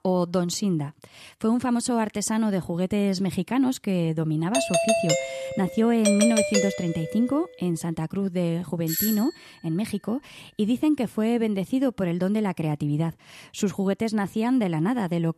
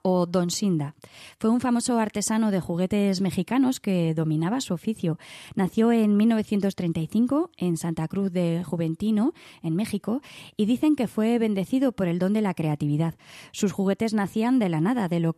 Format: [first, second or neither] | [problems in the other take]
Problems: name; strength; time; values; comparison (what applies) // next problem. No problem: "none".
second | doorbell; loud; from 4.5 to 7 s; peak 3 dB above the speech // doorbell; noticeable; at 9 s; peak 1 dB below the speech